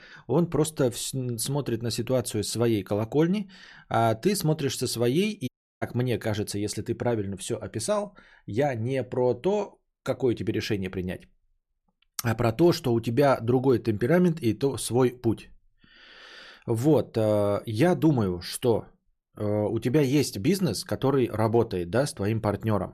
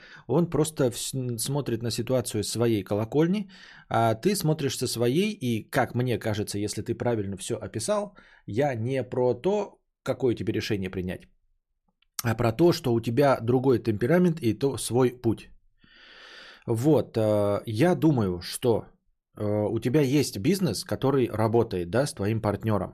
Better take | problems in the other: second | audio cutting out; at 5.5 s

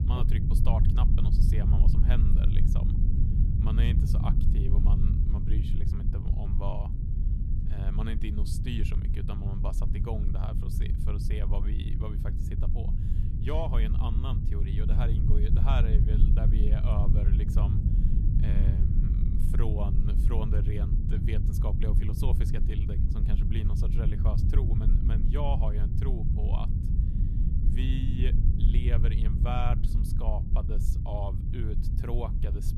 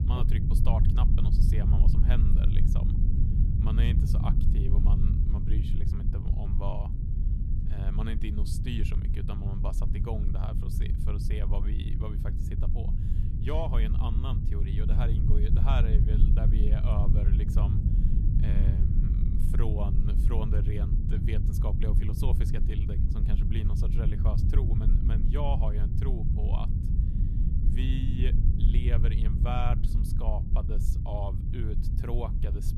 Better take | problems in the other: neither | low rumble; loud; throughout; 2 dB below the speech; the same in both

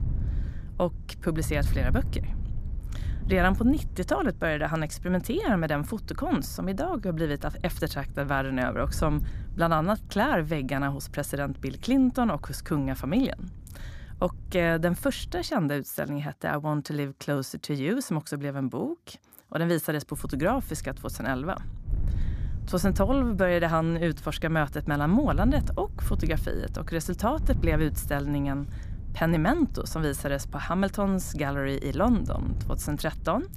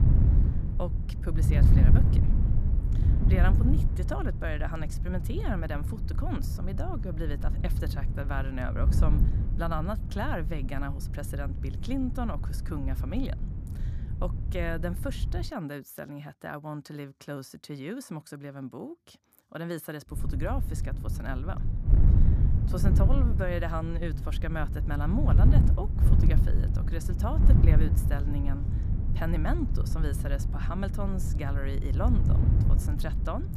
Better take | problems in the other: first | wind noise on the microphone; heavy; until 15 s and from 20 s on; 4 dB below the speech; occasional gusts in the first

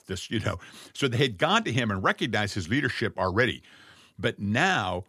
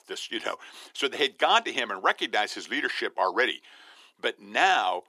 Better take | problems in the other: first | thin; very; fading below 350 Hz

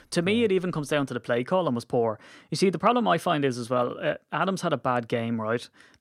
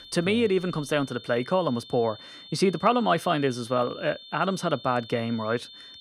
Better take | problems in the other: first | high-pitched whine; noticeable; throughout; 3.5 kHz, 15 dB below the speech

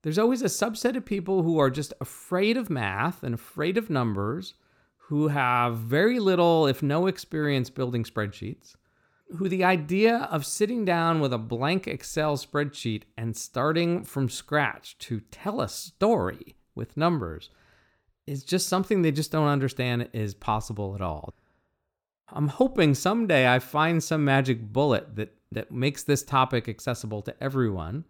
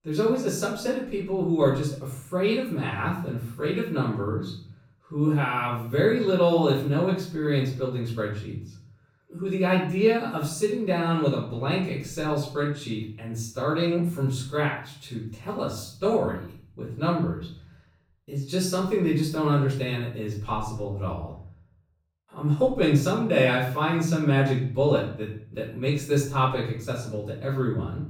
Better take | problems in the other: first | off-mic speech; far // room echo; noticeable; dies away in 0.5 s

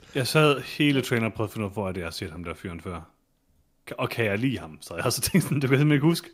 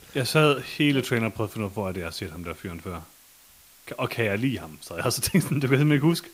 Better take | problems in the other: first | hiss; faint; throughout; 25 dB below the speech

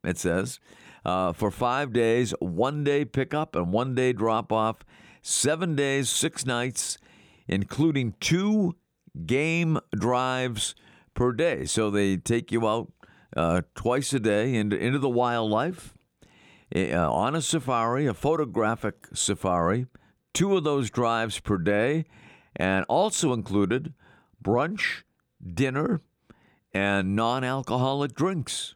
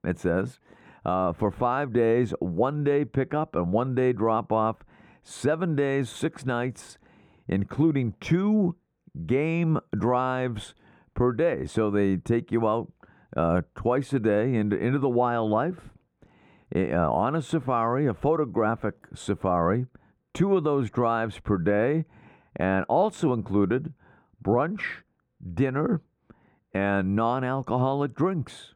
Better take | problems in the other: first | muffled; very; fading above 2.5 kHz

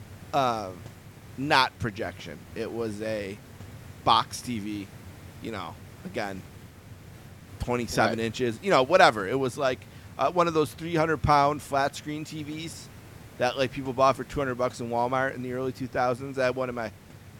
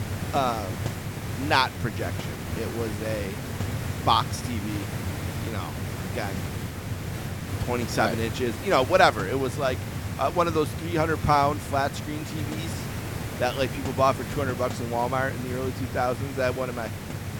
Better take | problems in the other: first | hiss; loud; throughout; 6 dB below the speech; faint in the first

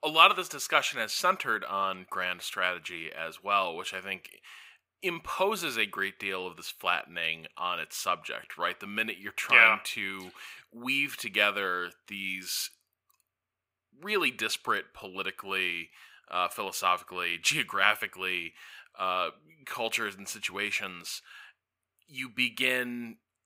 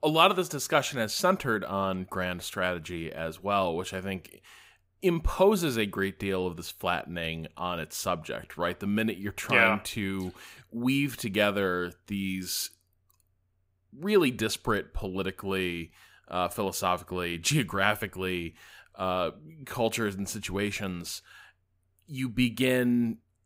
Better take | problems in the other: second | thin; somewhat; fading below 750 Hz

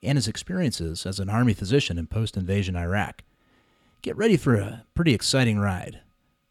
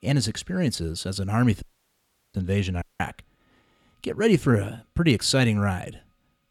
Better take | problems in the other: first | audio cutting out; at 1.5 s for 0.5 s and at 3 s

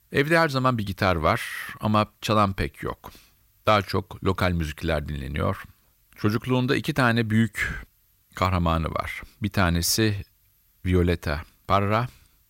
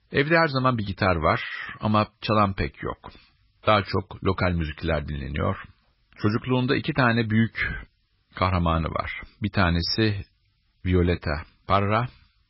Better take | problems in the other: first | garbled, watery; badly; nothing above 5.5 kHz

